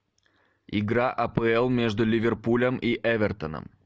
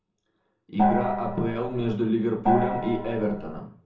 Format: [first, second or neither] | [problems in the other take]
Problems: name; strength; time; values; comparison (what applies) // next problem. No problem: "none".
first | background sound (Gong); 1 dB above the speech // room echo; dies away in 0.5 s